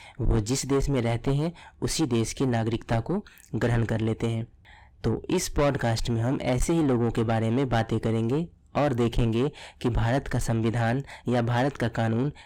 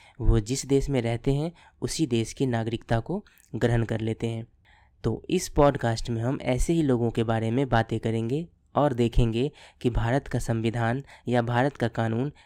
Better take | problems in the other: second | distortion; heavy; 7 dB below the speech

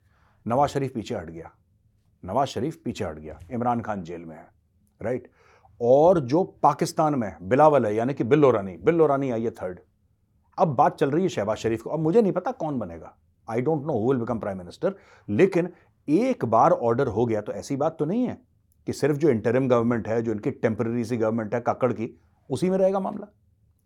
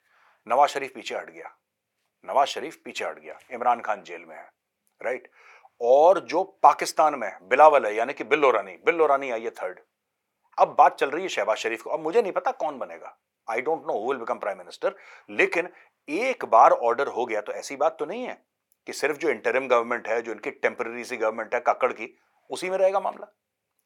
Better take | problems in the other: first | thin; very; fading below 700 Hz

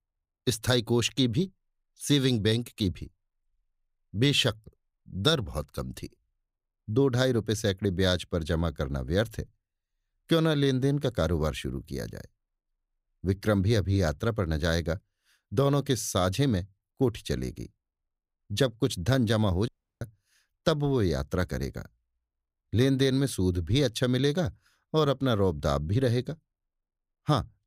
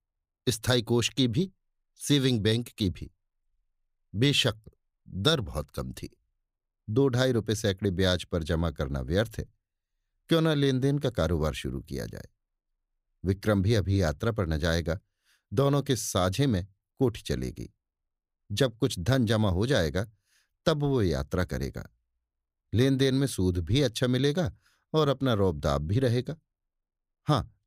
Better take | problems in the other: second | audio cutting out; at 20 s

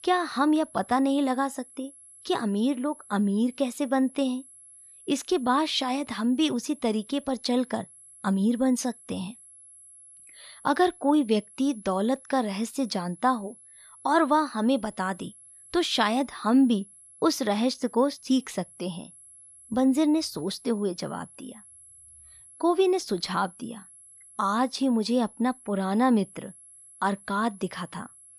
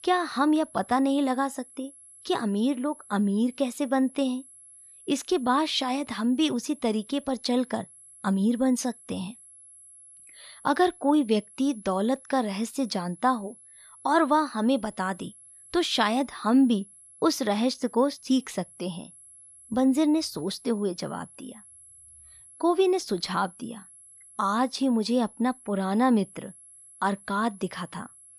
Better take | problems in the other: neither | high-pitched whine; faint; throughout; 11 kHz, 20 dB below the speech; the same in both

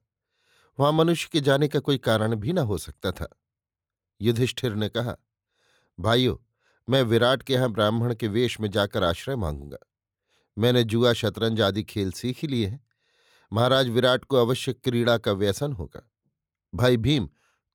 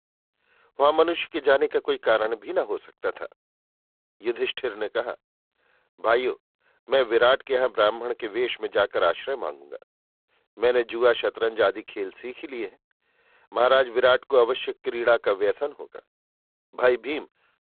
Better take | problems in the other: first | phone-call audio; poor line

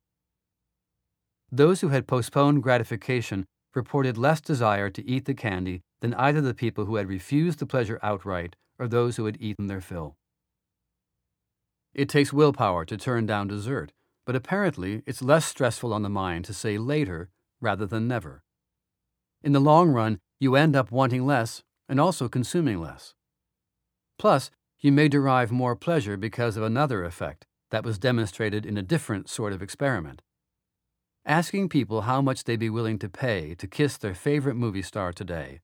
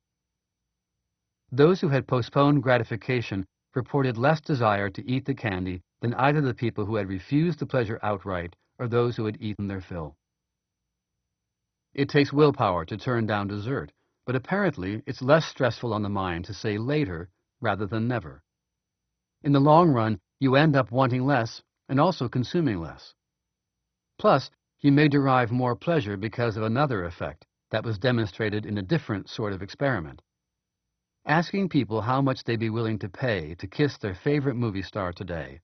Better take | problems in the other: first | garbled, watery; badly; nothing above 6 kHz

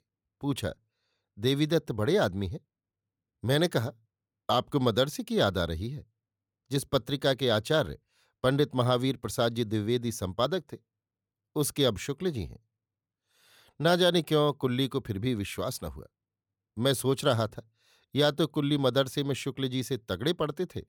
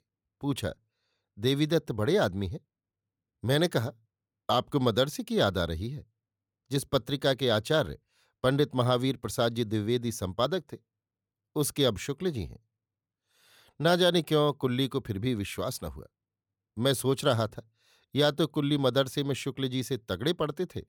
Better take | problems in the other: neither | none

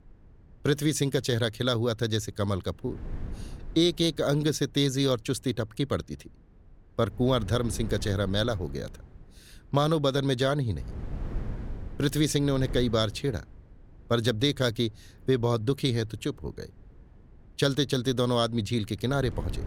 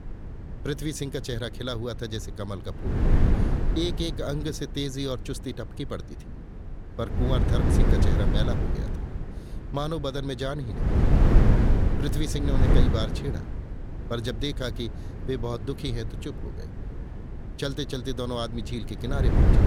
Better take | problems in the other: first | wind noise on the microphone; heavy; 2 dB below the speech; occasional gusts in the first

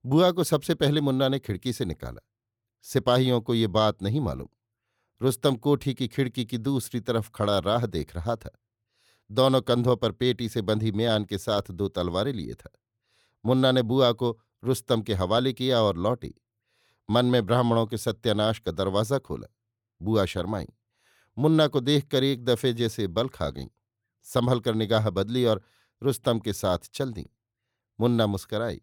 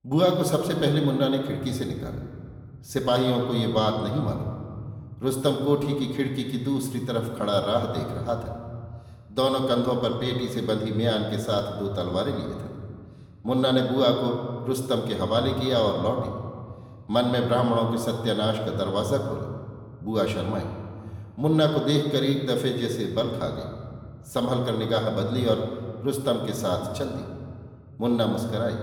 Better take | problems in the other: first | room echo; slight; dies away in 1.7 s // off-mic speech; somewhat distant

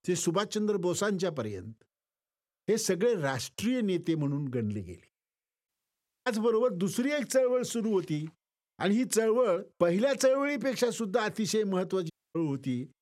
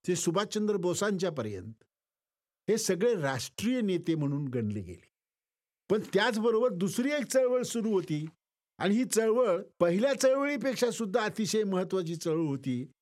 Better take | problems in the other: second | audio cutting out; at 5.5 s for 0.5 s and at 12 s

